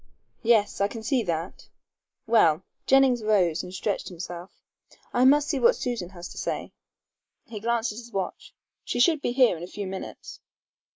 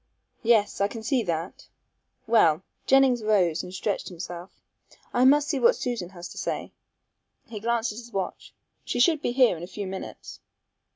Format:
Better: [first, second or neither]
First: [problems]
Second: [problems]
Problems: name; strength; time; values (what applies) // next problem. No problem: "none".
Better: second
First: noise reduction (neural mask model Resemble Enhance denoiser)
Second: none